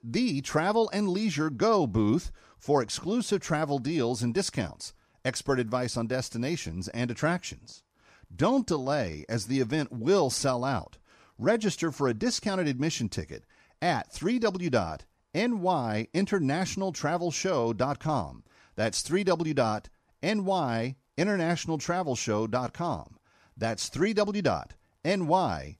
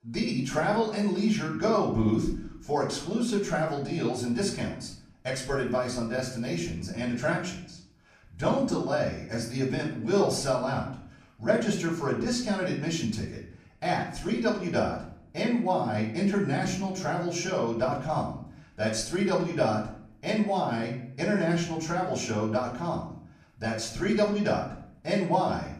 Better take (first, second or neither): first